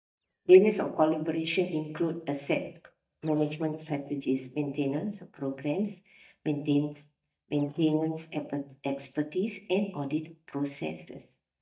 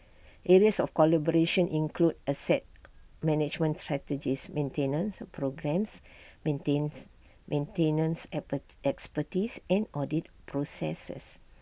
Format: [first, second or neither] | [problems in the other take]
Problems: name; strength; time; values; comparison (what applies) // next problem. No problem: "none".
second | noise reduction (neural mask model DeepFilterNet 3)